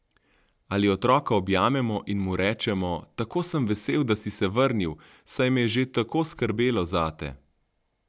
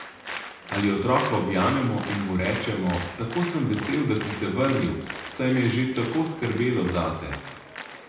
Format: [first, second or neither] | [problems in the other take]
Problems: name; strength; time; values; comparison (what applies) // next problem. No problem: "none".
first | background sound (Applause); 11 dB below the speech // room echo; dies away in 0.8 s